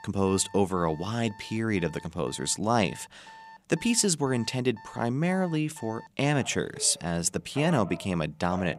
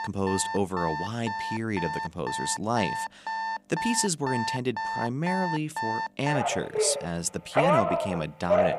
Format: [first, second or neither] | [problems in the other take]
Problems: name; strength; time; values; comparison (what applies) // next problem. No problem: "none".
first | alarms or sirens; loud; throughout; 1 dB below the speech; faint in the first